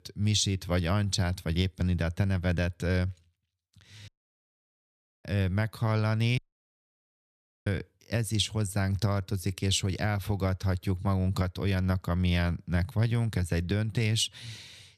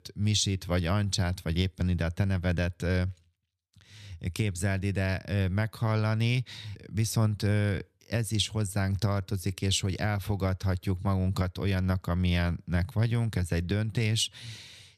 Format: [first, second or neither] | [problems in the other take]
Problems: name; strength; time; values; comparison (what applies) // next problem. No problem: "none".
second | audio cutting out; at 4 s for 1 s and at 6.5 s for 1.5 s